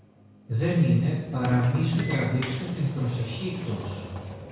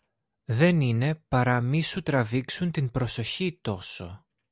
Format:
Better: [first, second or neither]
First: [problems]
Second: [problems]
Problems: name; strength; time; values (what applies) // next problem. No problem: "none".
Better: second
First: background sound (Sliding door); 13 dB below the speech // room echo; dies away in 1 s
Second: none